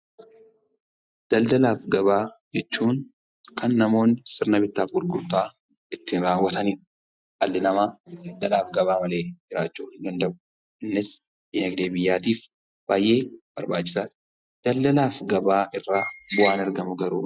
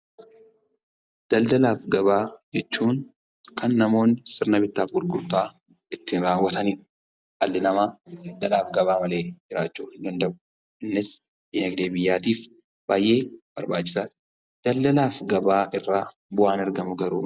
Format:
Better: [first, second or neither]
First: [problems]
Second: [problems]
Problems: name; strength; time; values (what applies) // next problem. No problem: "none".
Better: second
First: noise reduction (classical method Wiener filter)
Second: none